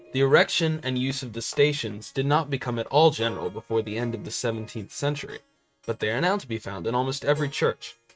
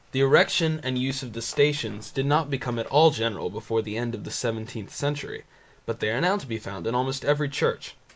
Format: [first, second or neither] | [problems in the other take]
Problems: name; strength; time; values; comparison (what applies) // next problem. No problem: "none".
second | noise reduction (neural mask model RNNoise)